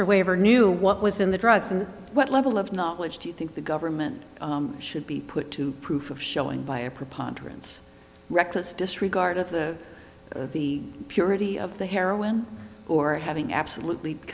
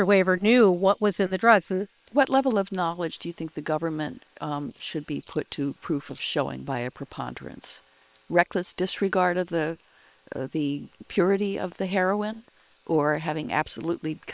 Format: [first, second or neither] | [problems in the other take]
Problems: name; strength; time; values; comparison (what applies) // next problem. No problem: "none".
first | noise reduction (neural separator model SepFormer WHAM!)